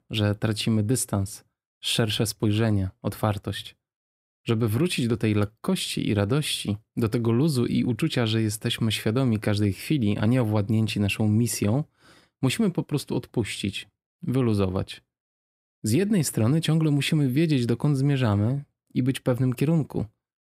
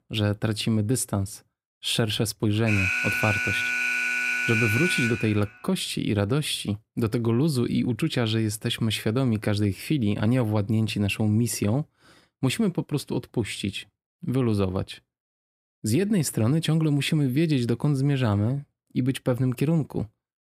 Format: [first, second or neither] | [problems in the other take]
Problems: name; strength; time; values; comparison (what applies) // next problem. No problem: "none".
first | alarm; loud; from 2.5 to 5.5 s; peak 2 dB above the speech